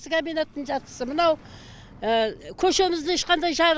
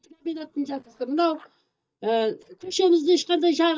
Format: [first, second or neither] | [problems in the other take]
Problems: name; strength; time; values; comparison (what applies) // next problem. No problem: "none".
first | noise reduction (neural mask model DeepFilterNet 3)